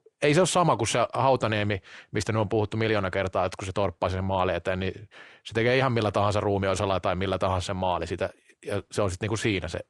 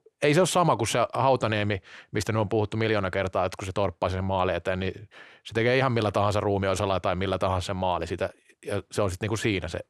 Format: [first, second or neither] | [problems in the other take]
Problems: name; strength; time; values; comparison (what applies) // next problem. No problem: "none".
second | garbled, watery; slightly; nothing above 10 kHz